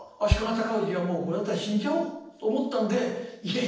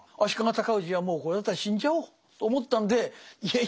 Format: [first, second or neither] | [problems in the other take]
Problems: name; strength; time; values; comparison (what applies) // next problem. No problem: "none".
second | noise reduction (neural separator model SepFormer DNS4)